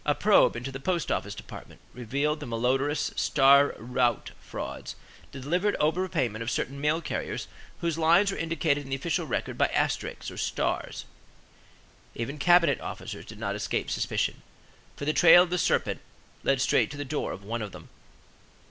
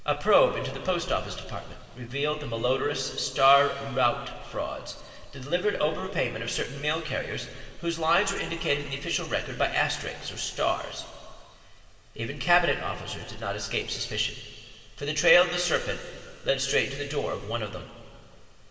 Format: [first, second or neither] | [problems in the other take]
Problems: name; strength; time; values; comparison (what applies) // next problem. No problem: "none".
first | room echo; dies away in 2.3 s